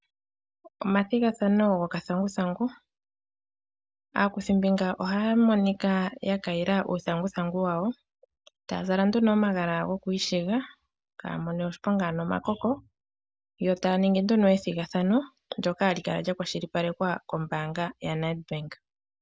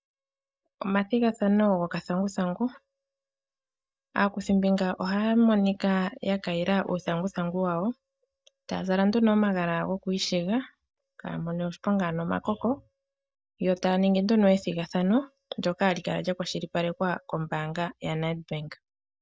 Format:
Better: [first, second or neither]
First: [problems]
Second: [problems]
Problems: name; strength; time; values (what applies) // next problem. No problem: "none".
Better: first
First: none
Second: noise reduction (neural mask model DeepFilterNet 3)